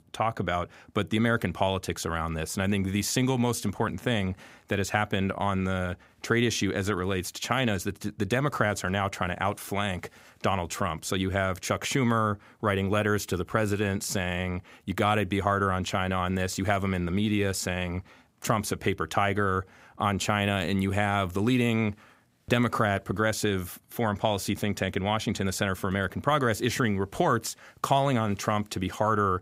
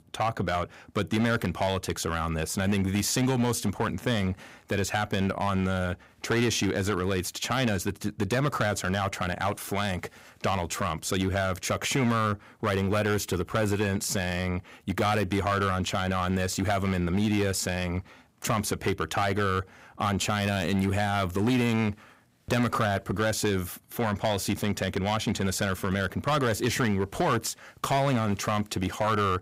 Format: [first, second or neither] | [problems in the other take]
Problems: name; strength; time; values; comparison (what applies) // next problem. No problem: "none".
first | distortion; slight; 8% of the sound clipped